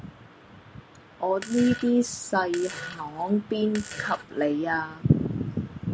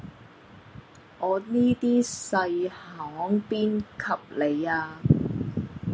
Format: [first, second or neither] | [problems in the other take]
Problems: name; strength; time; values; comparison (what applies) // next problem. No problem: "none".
second | background sound (Fart); 13 dB below the speech